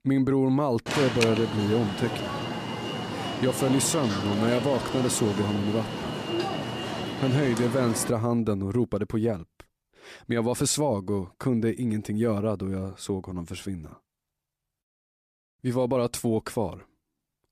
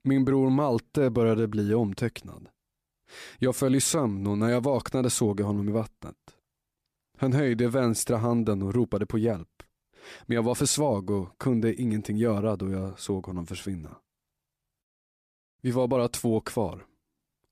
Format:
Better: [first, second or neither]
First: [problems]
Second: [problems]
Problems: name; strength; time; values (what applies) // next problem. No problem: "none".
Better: second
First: alarm; noticeable; from 1 to 8 s; peak level with the speech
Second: none